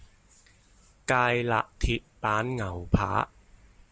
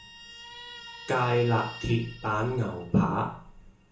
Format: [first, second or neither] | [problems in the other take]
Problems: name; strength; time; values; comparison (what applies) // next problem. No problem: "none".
first | background sound (Guitar); 17 dB below the speech // room echo; dies away in 0.7 s